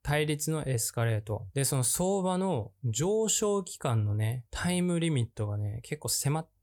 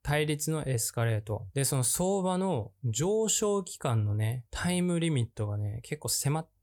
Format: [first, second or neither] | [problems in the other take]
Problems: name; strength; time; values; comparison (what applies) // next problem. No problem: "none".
neither | none